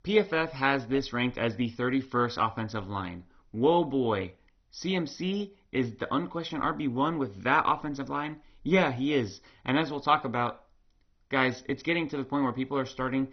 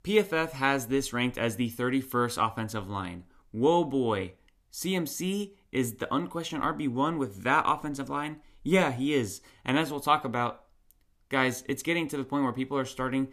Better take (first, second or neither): second